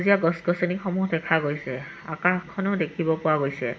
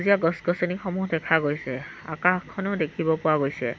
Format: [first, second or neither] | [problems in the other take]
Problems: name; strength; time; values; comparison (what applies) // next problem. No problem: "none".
second | room echo; dies away in 0.5 s